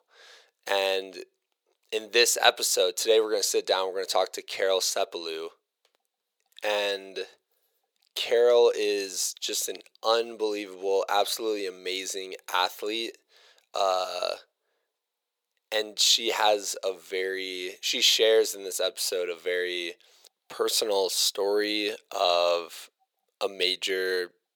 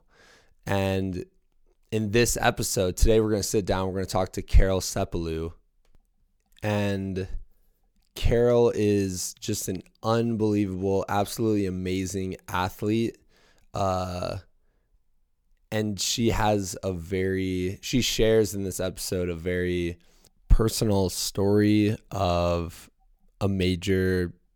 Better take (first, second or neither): second